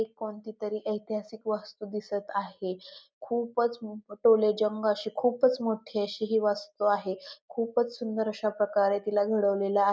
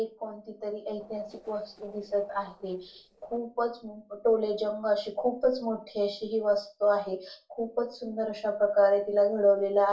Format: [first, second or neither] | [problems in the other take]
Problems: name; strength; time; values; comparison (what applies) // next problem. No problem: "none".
first | noise reduction (neural separator model SepFormer DNS4)